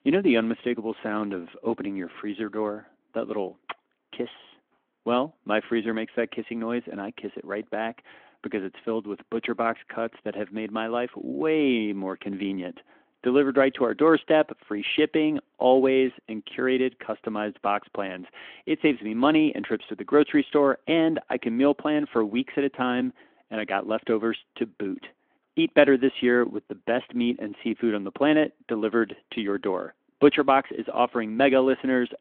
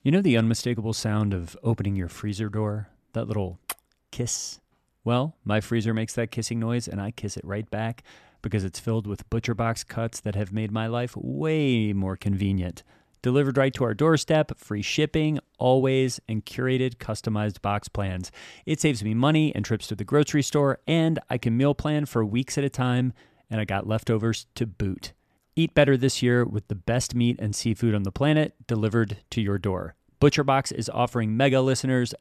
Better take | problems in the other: second | phone-call audio

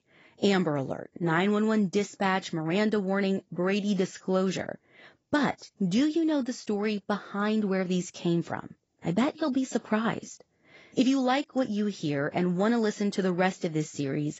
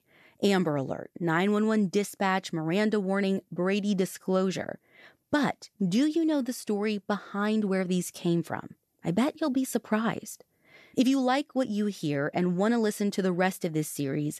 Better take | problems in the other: second | garbled, watery; badly; nothing above 7.5 kHz

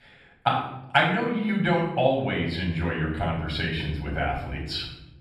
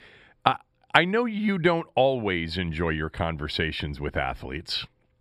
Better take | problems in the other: second | off-mic speech; far // room echo; noticeable; dies away in 0.8 s

